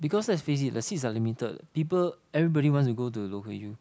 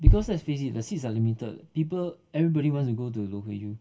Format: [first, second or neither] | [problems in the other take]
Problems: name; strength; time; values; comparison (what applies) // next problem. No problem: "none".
first | background sound (Bass drum); 2 dB above the speech // room echo; dies away in 0.2 s